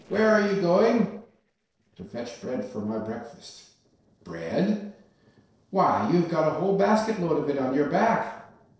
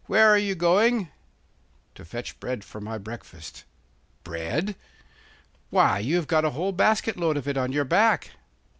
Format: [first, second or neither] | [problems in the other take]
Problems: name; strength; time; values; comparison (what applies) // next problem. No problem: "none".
second | noise reduction (neural separator model SepFormer DNS4)